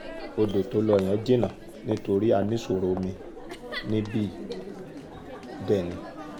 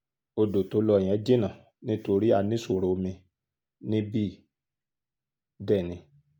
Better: second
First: background sound (Crowd); 10 dB below the speech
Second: none

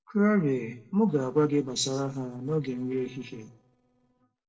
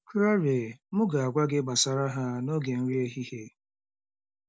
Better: second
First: noise reduction (neural separator model SepFormer DNS4)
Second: none

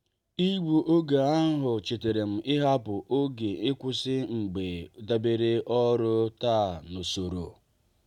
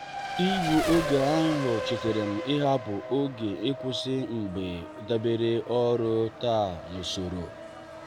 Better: first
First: none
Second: background sound (Race car, auto racing); 7 dB below the speech

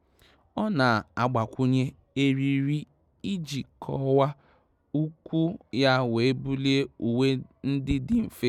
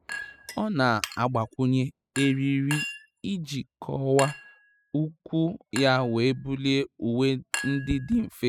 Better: first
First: none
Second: noise reduction (classical method spectral subtraction)

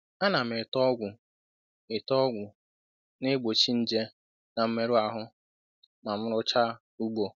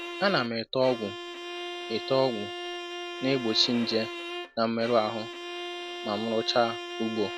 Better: first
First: none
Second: background sound (Bowed string instrument); 8 dB below the speech

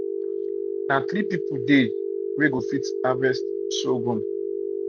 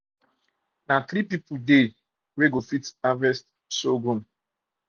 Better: second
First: background sound (Telephone); 1 dB below the speech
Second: none

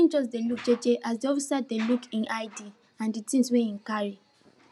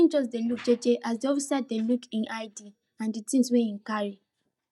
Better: first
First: none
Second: noise reduction (neural mask model DeepFilterNet 3)

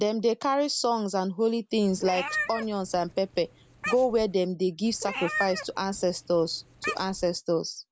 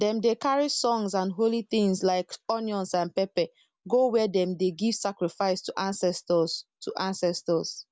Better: second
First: background sound (Meow); 9 dB below the speech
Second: none

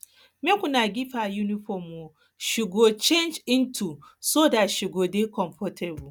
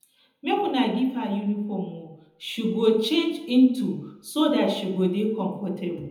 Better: first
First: none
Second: room echo; dies away in 0.8 s

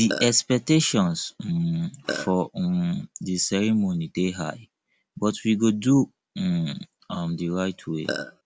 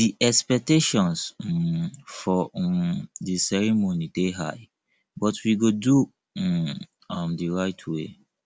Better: second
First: background sound (Burping, eructation); 6 dB below the speech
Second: none

